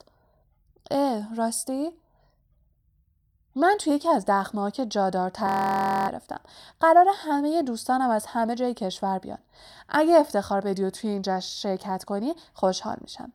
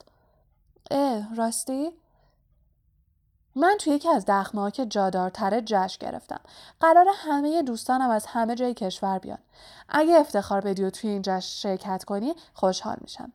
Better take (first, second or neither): second